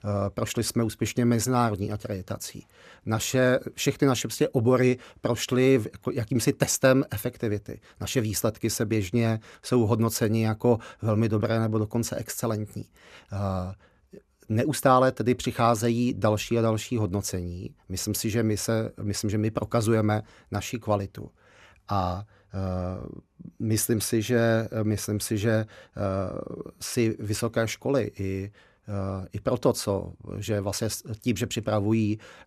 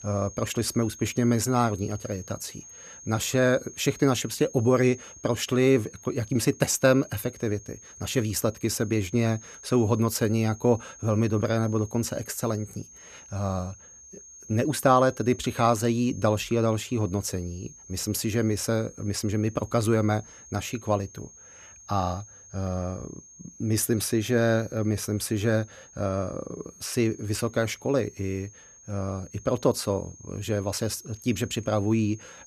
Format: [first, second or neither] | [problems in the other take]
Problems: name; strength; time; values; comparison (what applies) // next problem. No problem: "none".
first | high-pitched whine; noticeable; throughout; 6.5 kHz, 20 dB below the speech